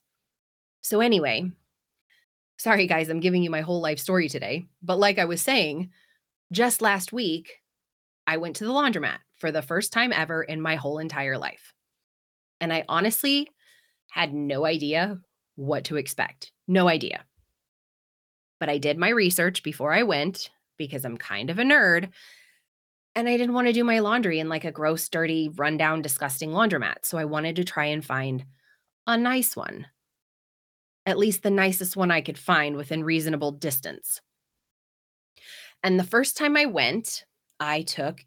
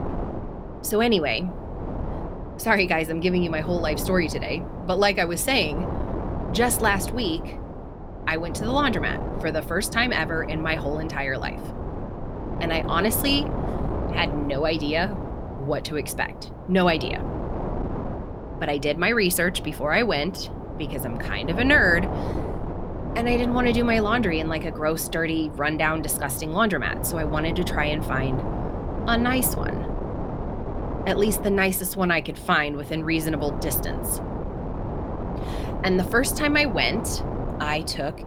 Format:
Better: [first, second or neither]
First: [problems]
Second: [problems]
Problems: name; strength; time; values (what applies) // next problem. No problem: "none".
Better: first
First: none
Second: wind noise on the microphone; occasional gusts; 10 dB below the speech